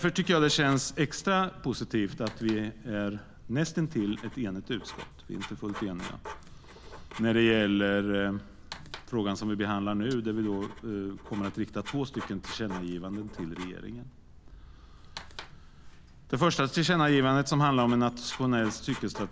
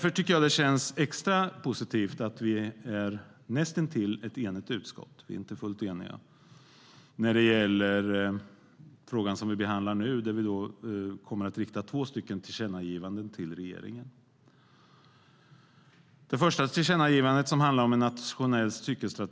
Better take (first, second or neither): second